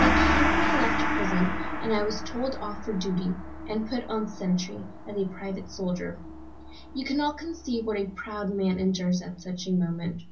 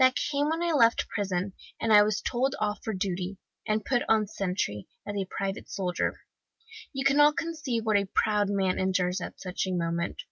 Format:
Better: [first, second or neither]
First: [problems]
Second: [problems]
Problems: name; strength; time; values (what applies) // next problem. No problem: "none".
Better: second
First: background sound (Gong); as loud as the speech // room echo; dies away in 0.5 s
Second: none